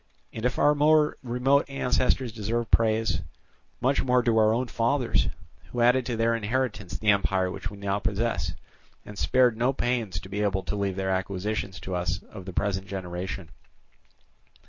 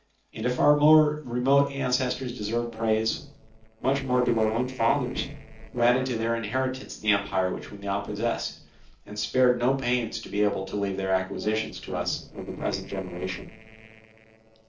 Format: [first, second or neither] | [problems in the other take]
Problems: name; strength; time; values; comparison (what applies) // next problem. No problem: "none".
first | noise reduction (neural separator model SepFormer DNS4)